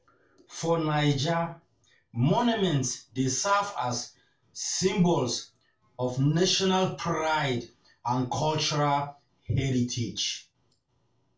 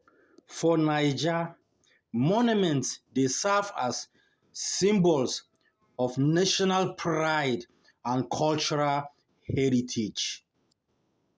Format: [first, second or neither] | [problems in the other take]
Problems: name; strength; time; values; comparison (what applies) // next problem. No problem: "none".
second | room echo; dies away in 0.3 s